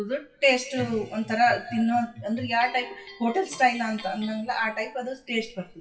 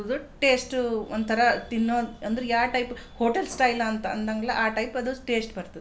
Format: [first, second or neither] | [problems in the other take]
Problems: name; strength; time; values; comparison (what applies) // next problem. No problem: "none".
second | noise reduction (classical method WPE with log-MMSE)